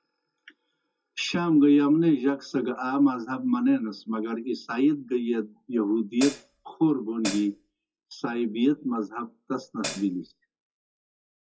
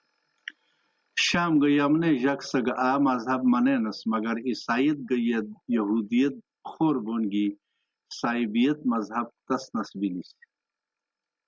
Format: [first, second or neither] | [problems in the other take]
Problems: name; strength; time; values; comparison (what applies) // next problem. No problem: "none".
second | noise reduction (classical method WPE with log-MMSE)